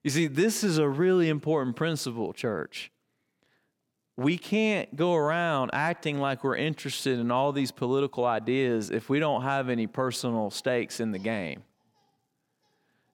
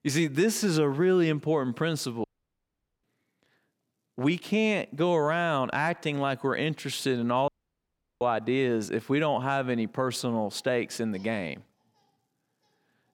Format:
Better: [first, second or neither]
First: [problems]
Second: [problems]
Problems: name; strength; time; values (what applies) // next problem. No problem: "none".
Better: first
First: none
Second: audio cutting out; at 2 s for 1 s and at 7.5 s for 0.5 s